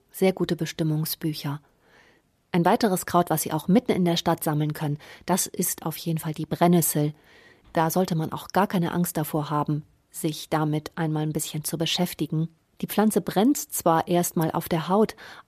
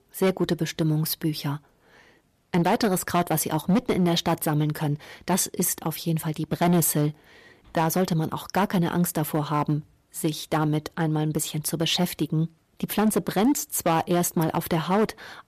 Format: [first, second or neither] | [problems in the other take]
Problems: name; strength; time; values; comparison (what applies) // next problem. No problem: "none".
first | distortion; slight; 5% of the sound clipped